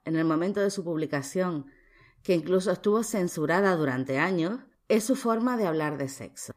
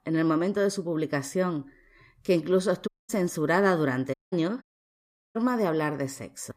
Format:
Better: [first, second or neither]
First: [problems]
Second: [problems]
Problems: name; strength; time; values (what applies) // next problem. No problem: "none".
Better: first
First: none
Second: audio cutting out; at 3 s, at 4 s and at 4.5 s for 0.5 s